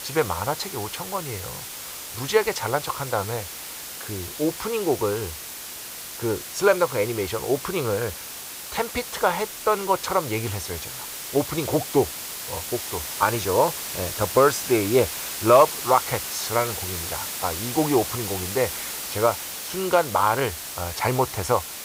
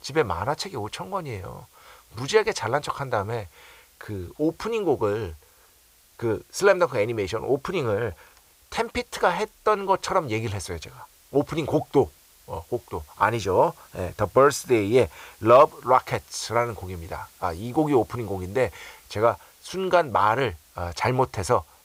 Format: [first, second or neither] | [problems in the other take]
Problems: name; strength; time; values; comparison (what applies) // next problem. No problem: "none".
second | hiss; loud; throughout; 7 dB below the speech; faint in the second